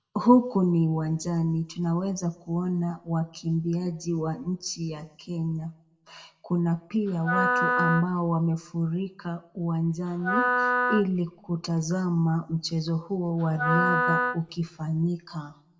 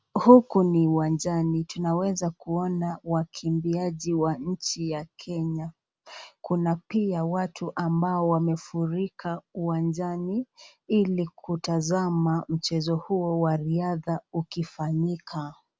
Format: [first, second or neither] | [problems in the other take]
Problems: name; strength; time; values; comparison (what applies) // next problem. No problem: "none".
second | background sound (Wind instrument, woodwind instrument); 1 dB below the speech // room echo; dies away in 0.5 s